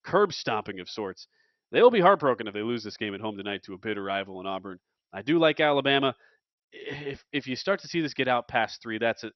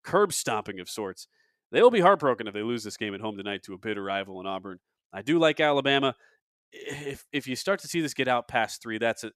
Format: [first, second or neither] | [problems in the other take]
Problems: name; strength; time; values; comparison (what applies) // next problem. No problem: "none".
second | garbled, watery; slightly; nothing above 6 kHz